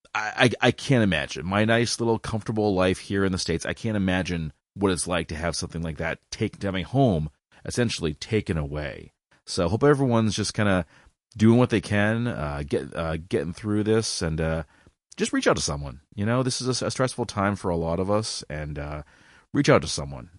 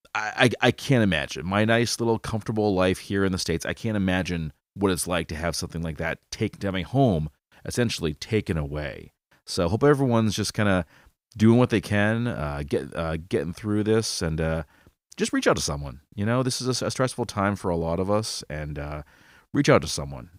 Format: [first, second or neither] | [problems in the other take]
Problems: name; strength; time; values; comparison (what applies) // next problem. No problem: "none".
second | garbled, watery; slightly; nothing above 9.5 kHz